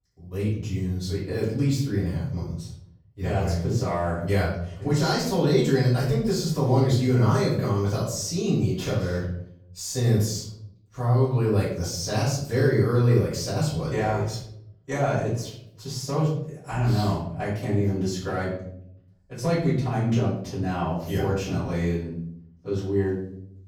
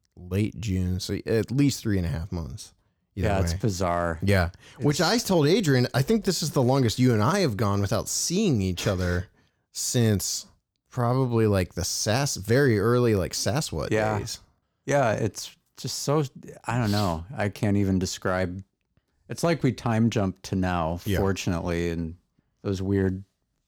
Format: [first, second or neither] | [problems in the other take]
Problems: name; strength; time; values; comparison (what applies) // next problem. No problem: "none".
second | off-mic speech; far // room echo; noticeable; dies away in 0.6 s